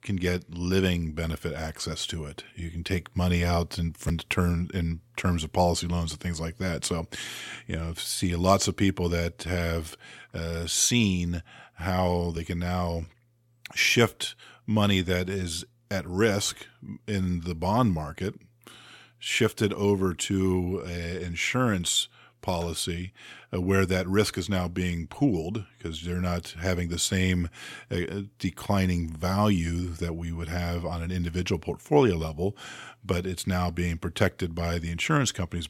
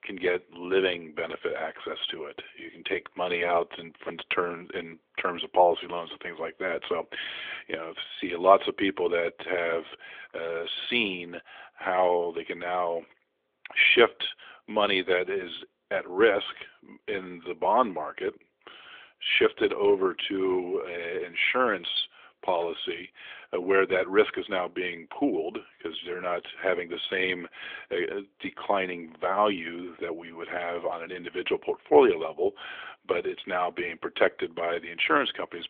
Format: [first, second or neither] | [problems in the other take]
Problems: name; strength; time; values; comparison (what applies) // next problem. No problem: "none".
first | phone-call audio; nothing above 3.5 kHz